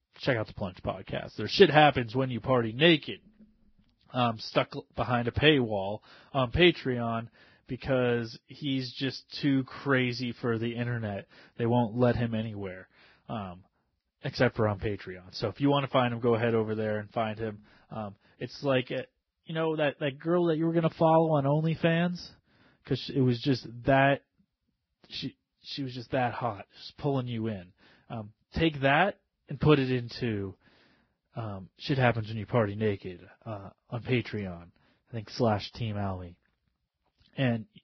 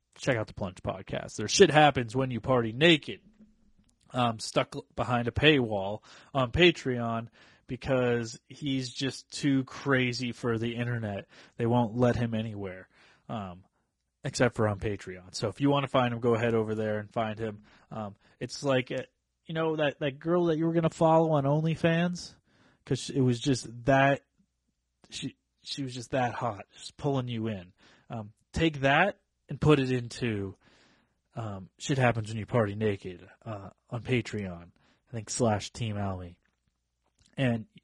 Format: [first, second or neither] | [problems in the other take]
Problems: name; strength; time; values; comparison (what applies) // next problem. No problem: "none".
second | garbled, watery; badly; nothing above 5.5 kHz; slightly in the second